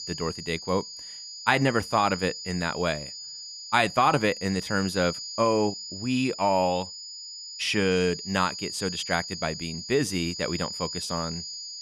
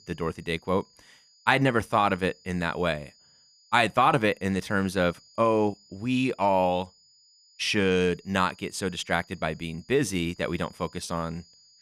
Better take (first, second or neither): second